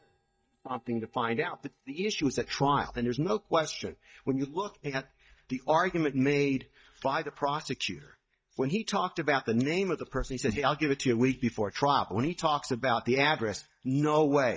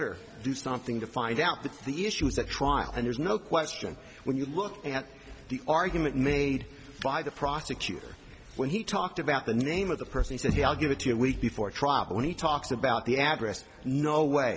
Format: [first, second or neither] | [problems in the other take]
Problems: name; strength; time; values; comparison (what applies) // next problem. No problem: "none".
second | noise reduction (neural mask model DeepFilterNet 3)